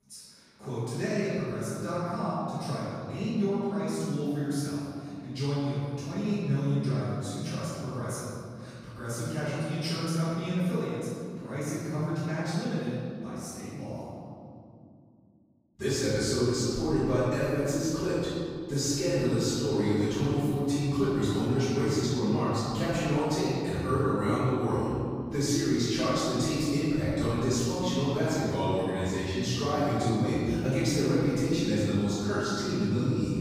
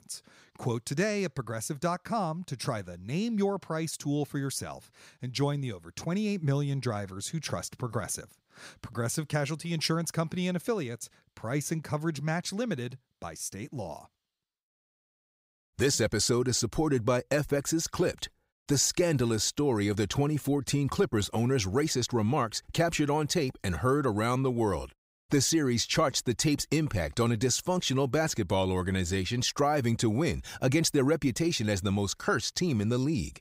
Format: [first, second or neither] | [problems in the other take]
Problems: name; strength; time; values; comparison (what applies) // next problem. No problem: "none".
second | off-mic speech; far // room echo; strong; dies away in 2.6 s